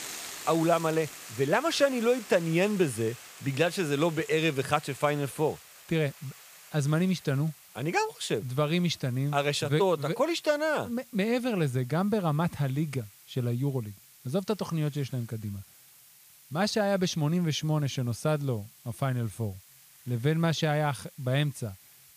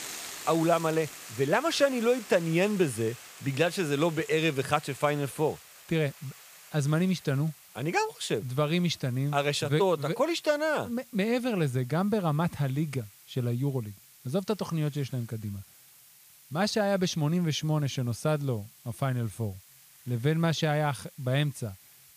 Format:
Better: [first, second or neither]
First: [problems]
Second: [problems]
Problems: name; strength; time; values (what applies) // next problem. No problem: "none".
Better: neither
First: hiss; noticeable; throughout; 20 dB below the speech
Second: hiss; noticeable; throughout; 20 dB below the speech